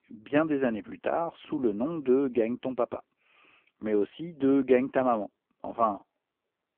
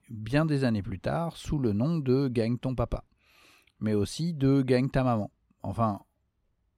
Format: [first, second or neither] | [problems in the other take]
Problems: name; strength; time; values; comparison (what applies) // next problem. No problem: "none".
second | phone-call audio; poor line